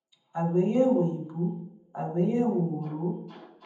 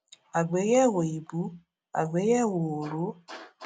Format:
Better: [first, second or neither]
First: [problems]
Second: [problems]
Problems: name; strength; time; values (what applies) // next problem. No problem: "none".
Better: second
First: room echo; dies away in 0.8 s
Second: none